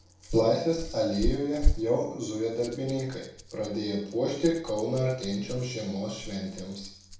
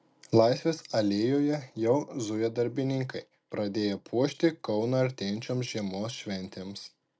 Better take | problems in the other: second | background sound (Rattle); 4 dB below the speech // room echo; dies away in 0.6 s

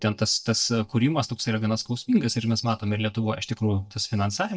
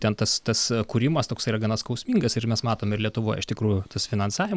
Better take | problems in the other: second | noise reduction (neural mask model DeepFilterNet 3)

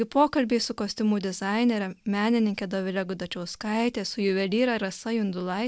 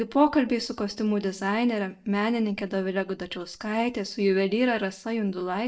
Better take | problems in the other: first | noise reduction (neural mask model DeepFilterNet 3)

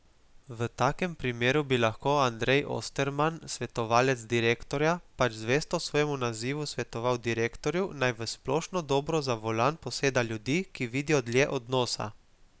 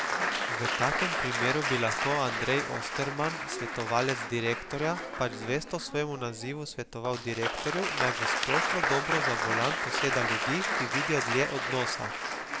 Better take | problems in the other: first | background sound (Applause); 1 dB above the speech

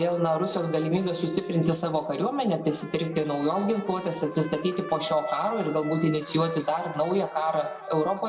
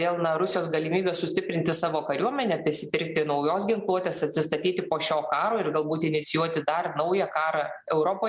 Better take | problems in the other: second | background sound (Trumpet); 17 dB below the speech // room echo; dies away in 1.6 s

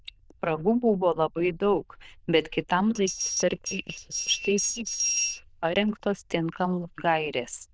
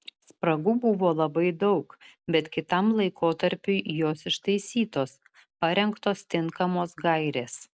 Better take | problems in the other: second | noise reduction (neural diffusion model UNIVERSE++)

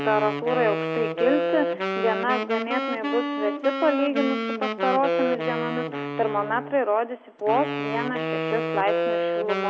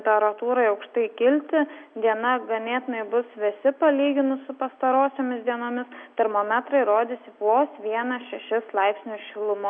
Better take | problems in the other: second | background sound (Wind instrument, woodwind instrument); 1 dB below the speech

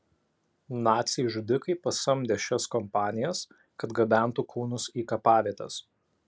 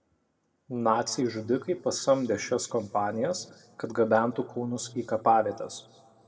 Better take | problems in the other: first | room echo; dies away in 1.3 s

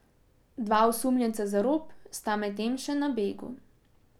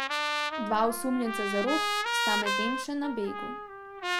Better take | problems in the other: first | background sound (Trumpet); as loud as the speech

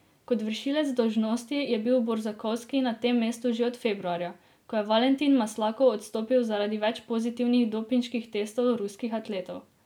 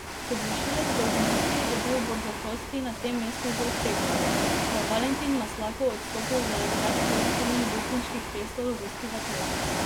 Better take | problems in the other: first | background sound (Ocean); 3 dB above the speech

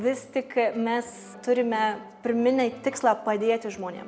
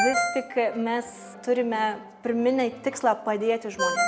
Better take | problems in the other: first | background sound (Ringtone); 5 dB below the speech

